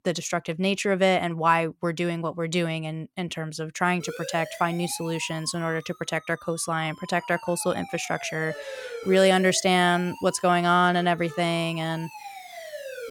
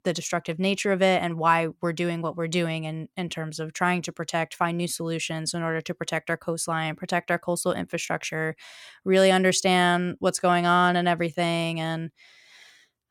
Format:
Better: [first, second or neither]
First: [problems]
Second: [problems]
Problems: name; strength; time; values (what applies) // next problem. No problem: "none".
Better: second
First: siren; faint; from 4 s on; peak 10 dB below the speech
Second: none